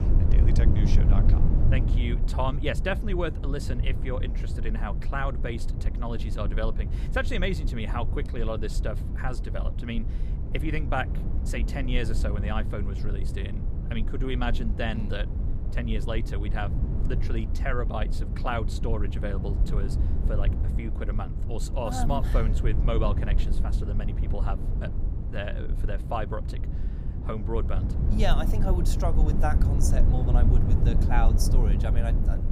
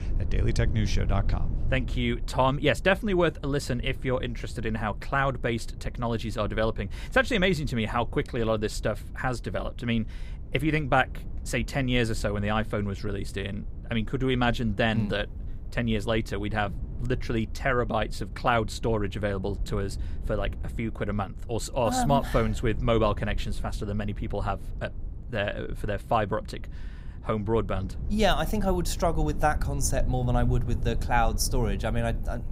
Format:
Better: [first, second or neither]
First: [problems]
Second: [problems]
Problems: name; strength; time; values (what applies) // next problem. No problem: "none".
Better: second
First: low rumble; loud; throughout; 8 dB below the speech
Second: low rumble; faint; throughout; 20 dB below the speech